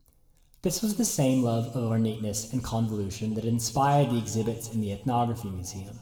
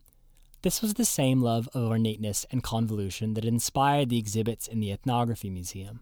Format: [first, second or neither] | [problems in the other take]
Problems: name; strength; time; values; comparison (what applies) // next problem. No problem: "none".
second | room echo; slight; dies away in 1.5 s